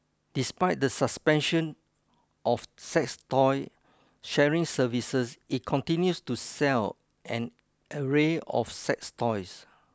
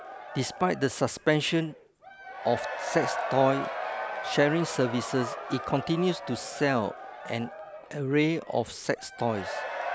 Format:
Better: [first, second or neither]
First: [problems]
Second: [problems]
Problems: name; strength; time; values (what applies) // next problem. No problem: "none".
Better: first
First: none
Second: background sound (Crowd / Cheering); 8 dB below the speech